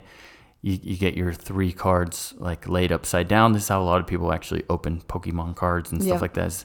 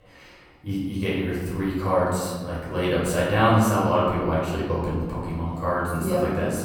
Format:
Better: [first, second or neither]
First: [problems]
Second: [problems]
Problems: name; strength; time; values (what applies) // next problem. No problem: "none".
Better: first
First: none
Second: off-mic speech; far // room echo; noticeable; dies away in 1.3 s